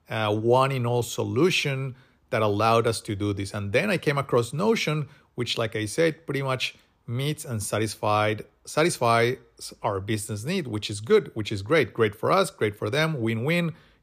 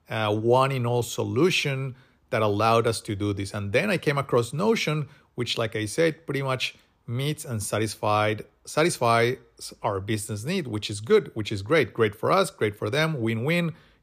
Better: neither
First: none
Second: none

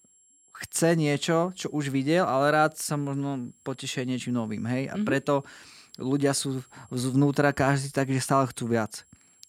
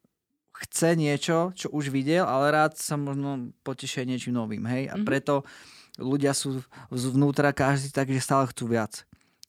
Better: second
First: high-pitched whine; faint; throughout; 7.5 kHz, 30 dB below the speech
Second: none

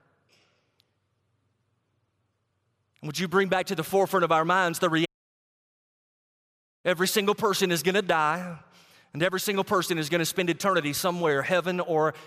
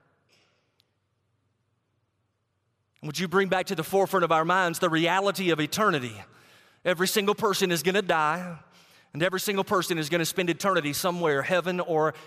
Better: second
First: audio cutting out; at 5 s for 2 s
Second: none

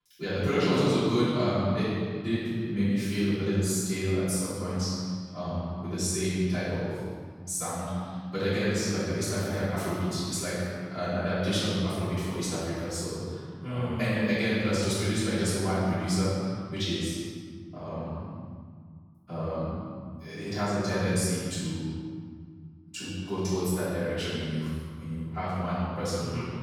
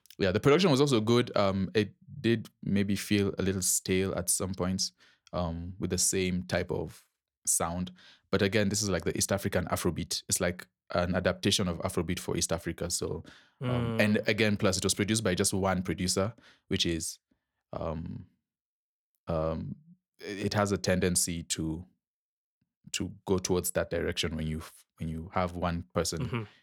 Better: second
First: off-mic speech; far // room echo; strong; dies away in 1.9 s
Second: none

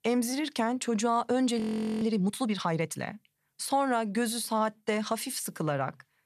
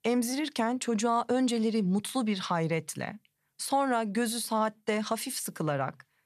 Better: second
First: audio freezing; at 1.5 s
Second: none

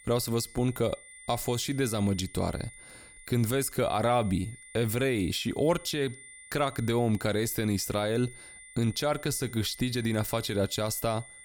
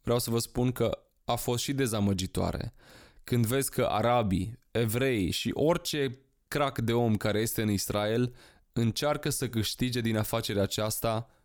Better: second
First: high-pitched whine; noticeable; throughout; 2 kHz, 20 dB below the speech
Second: none

